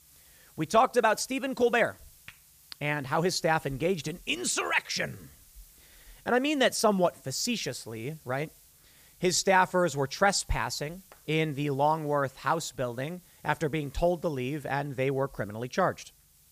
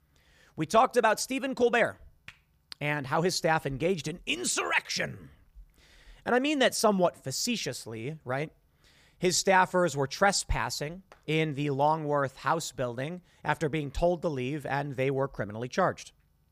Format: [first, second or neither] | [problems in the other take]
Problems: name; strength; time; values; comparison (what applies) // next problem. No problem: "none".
second | hiss; faint; throughout; 25 dB below the speech